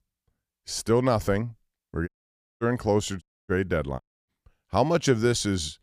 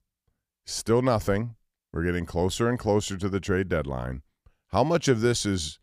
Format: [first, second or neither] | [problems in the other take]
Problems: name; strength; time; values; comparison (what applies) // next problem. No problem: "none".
second | audio cutting out; at 2 s for 0.5 s, at 3 s and at 4 s